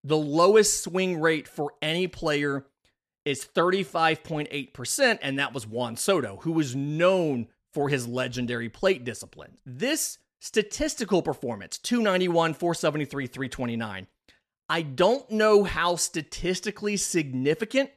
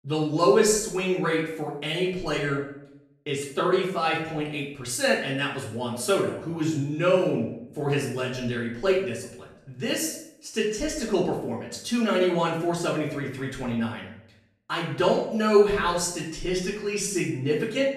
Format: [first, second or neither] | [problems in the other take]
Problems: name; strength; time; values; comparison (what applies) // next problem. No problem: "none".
first | off-mic speech; far // room echo; noticeable; dies away in 0.6 s